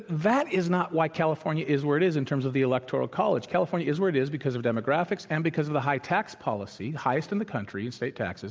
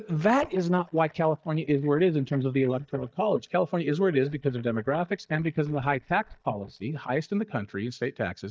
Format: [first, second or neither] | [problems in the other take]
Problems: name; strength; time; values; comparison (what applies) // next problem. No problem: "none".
first | noise reduction (neural mask model DeepFilterNet 3)